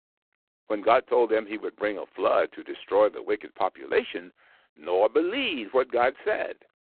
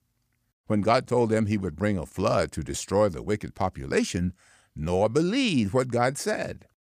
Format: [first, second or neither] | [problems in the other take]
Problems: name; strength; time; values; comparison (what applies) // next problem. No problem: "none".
second | phone-call audio; poor line